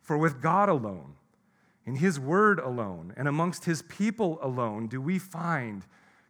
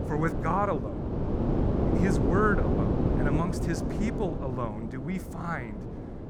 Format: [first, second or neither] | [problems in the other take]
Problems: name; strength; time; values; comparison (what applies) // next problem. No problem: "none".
first | wind noise on the microphone; heavy; 3 dB below the speech